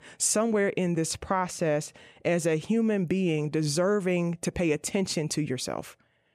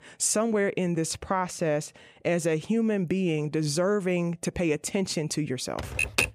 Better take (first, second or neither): first